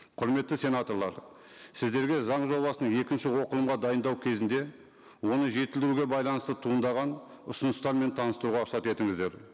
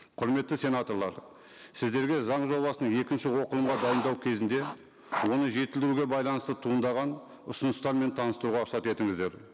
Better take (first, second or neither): first